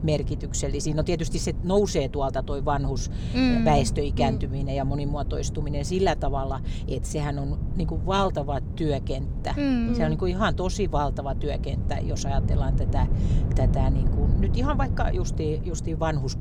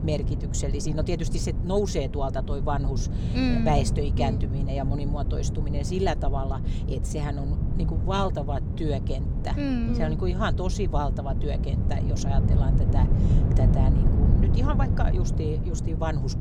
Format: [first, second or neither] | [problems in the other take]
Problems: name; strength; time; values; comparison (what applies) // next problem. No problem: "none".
first | wind noise on the microphone; heavy; 7 dB below the speech; occasional gusts in the first